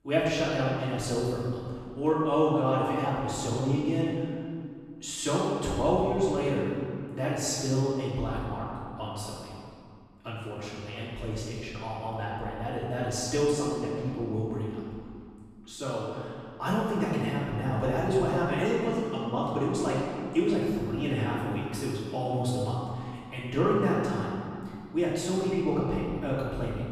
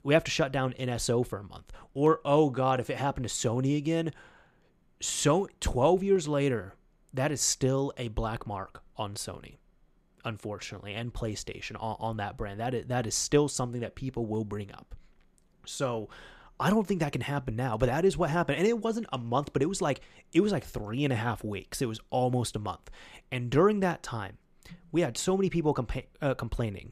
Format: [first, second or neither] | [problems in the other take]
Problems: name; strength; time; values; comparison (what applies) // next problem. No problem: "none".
second | off-mic speech; far // room echo; strong; dies away in 2 s